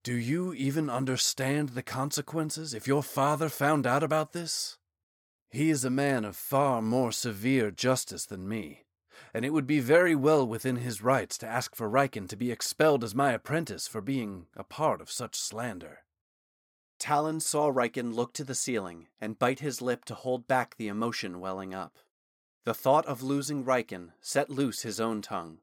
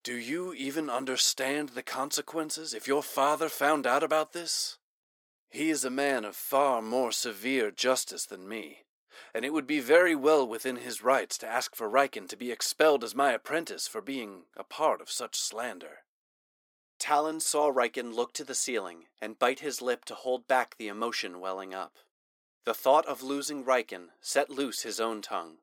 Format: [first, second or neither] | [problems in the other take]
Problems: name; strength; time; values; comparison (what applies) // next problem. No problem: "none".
first | thin; somewhat; fading below 350 Hz